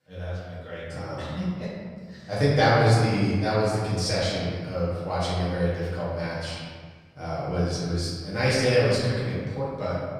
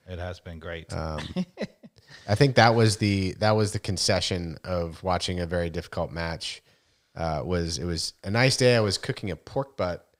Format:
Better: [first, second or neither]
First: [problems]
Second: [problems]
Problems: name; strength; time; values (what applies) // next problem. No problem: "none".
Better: second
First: room echo; strong; dies away in 1.7 s // off-mic speech; far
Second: none